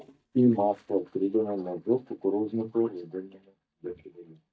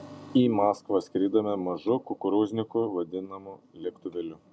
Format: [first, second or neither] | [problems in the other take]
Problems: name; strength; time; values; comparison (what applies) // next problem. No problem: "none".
second | noise reduction (neural mask model DeepFilterNet 3)